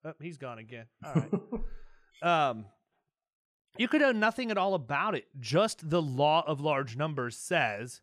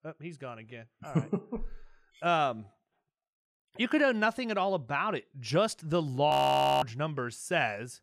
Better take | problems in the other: first | audio freezing; at 6.5 s for 0.5 s

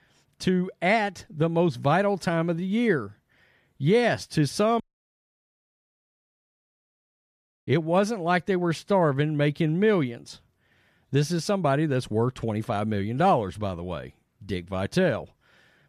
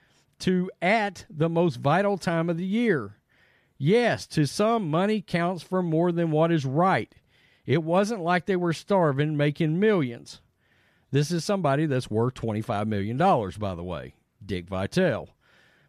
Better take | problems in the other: second | audio cutting out; at 5 s for 3 s

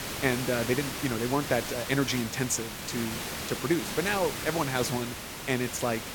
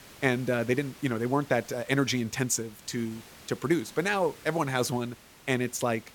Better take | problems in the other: second | hiss; loud; throughout; 4 dB below the speech; faint in the second

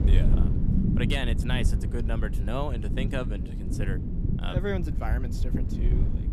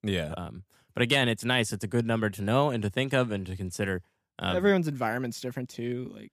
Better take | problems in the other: second | low rumble; loud; throughout; 4 dB below the speech

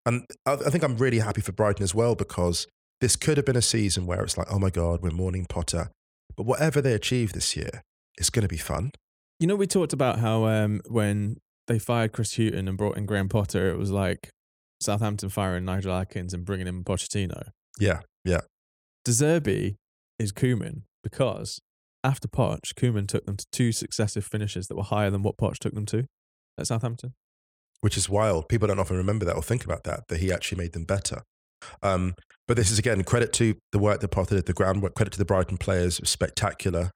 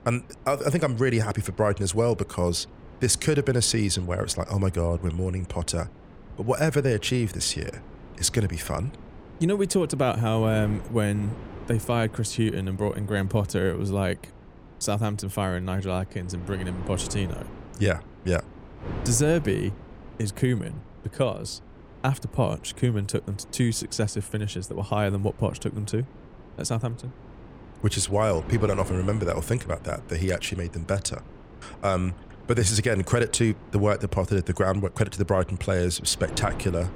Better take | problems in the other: first | wind noise on the microphone; occasional gusts; 20 dB below the speech

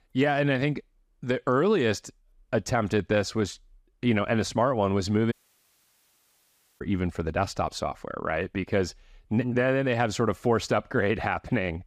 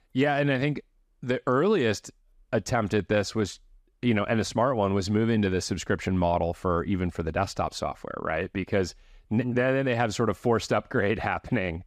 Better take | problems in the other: second | audio cutting out; at 5.5 s for 1.5 s

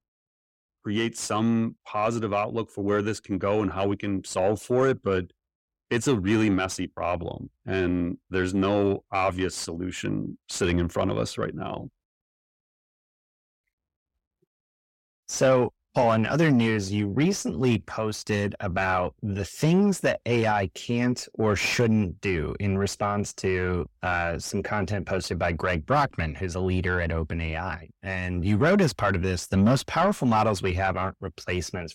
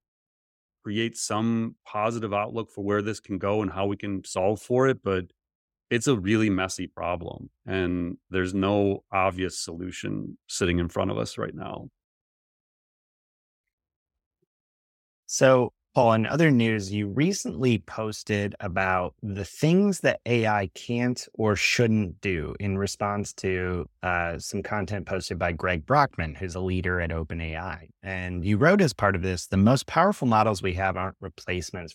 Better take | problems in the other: second | distortion; slight; 10 dB below the speech

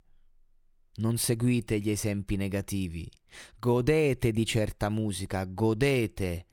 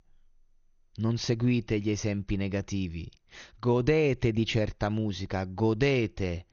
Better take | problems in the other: first | garbled, watery; slightly; nothing above 6.5 kHz

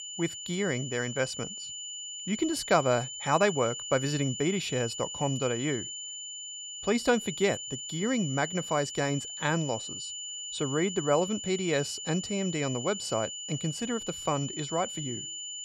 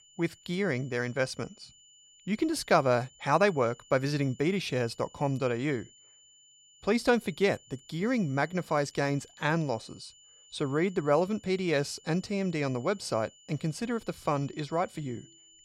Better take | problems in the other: second | high-pitched whine; loud; throughout; 3 kHz, 6 dB below the speech; faint in the second

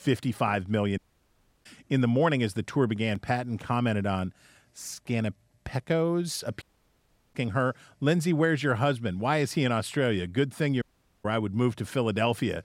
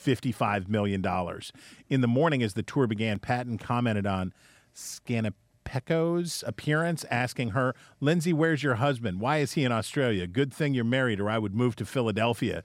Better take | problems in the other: second | audio cutting out; at 1 s for 0.5 s, at 6.5 s for 0.5 s and at 11 s

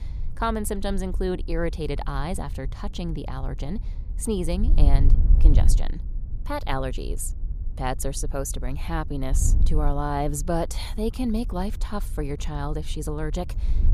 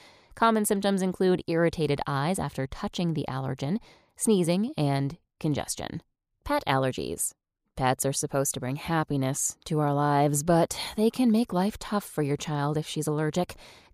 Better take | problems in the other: second | wind noise on the microphone; occasional gusts; 15 dB below the speech

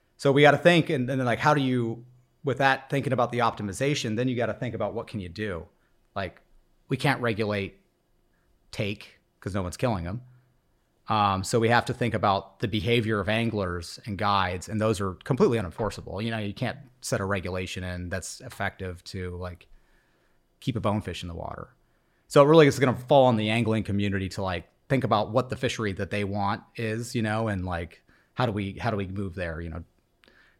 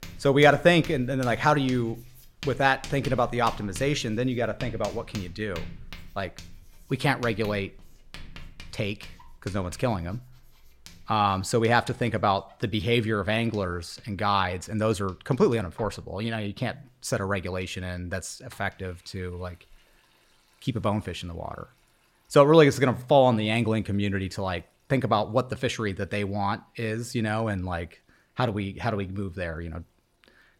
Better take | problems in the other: first | household noises; noticeable; throughout; 20 dB below the speech

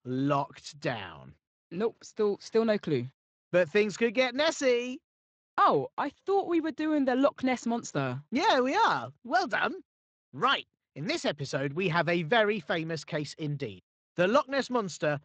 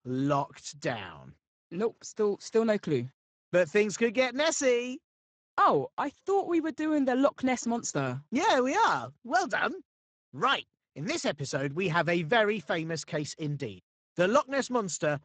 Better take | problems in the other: first | garbled, watery; badly; nothing above 7.5 kHz; slightly in the first

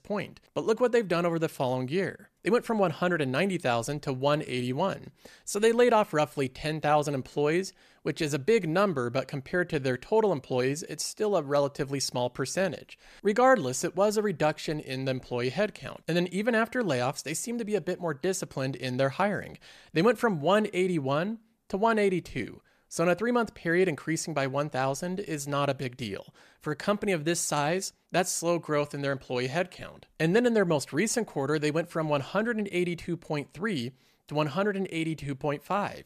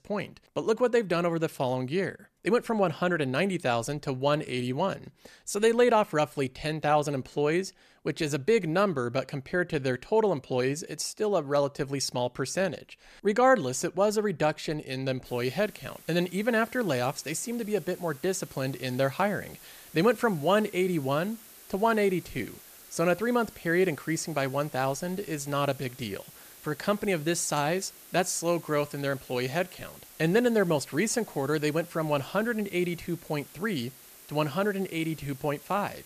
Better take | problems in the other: first | hiss; noticeable; from 15 s on; 20 dB below the speech

